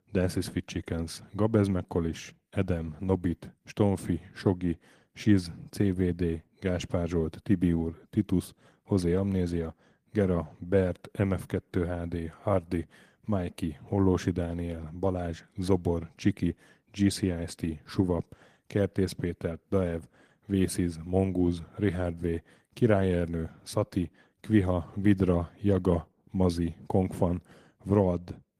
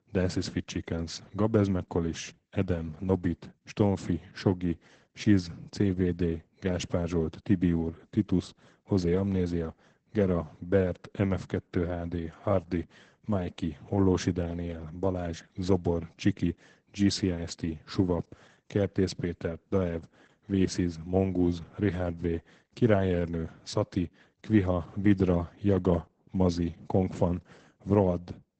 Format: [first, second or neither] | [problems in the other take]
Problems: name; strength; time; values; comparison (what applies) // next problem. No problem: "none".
first | garbled, watery; badly; nothing above 8 kHz; slightly in the first